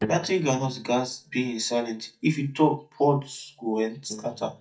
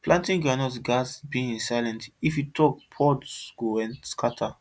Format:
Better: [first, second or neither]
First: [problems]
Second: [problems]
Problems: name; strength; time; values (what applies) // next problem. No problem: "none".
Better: second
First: noise reduction (neural mask model DeepFilterNet 3)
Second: none